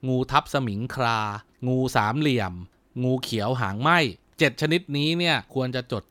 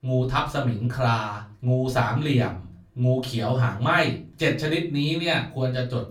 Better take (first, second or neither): first